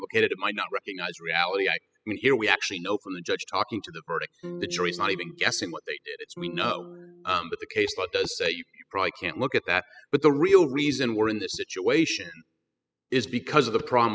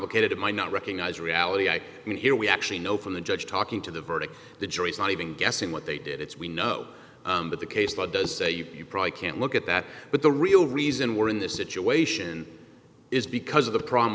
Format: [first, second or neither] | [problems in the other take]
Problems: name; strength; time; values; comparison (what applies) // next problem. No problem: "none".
second | noise reduction (classical method spectral subtraction)